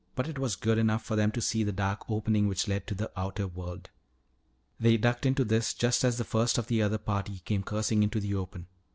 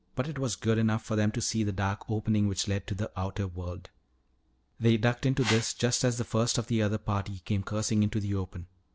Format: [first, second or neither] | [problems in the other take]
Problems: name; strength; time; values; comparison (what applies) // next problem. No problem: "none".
first | background sound (Whoosh, swoosh, swish); 7 dB below the speech